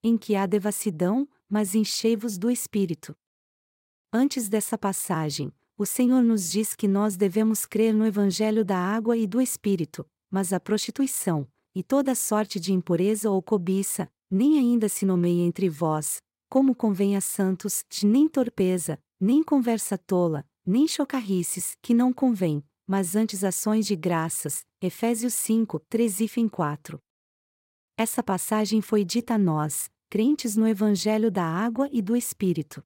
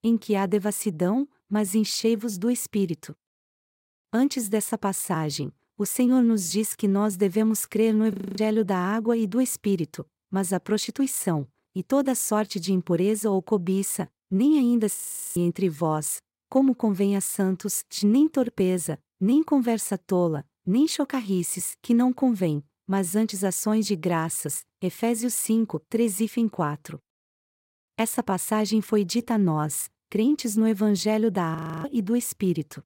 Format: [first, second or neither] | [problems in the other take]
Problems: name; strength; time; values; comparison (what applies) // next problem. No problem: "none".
first | audio freezing; at 8 s, at 15 s and at 32 s